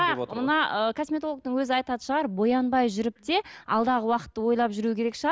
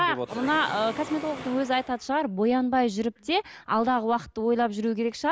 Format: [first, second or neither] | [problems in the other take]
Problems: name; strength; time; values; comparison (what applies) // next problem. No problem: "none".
first | background sound (Mechanisms); 15 dB below the speech